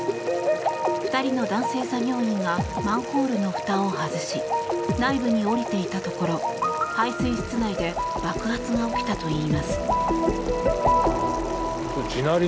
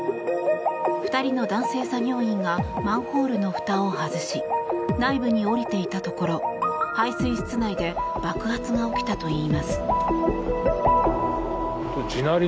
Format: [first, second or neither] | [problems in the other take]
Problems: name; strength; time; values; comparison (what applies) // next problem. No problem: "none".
second | background sound (Boiling); 16 dB below the speech